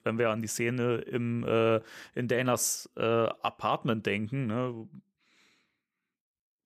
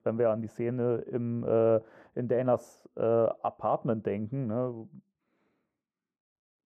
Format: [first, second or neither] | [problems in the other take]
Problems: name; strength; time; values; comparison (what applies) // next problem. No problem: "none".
first | muffled; very; fading above 2 kHz